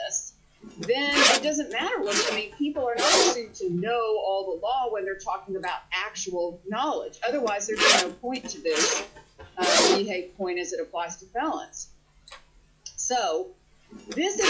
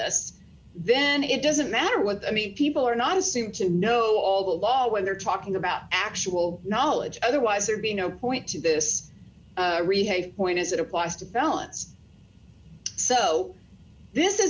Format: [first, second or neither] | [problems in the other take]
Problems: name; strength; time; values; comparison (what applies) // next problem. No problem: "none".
second | noise reduction (classical method log-MMSE)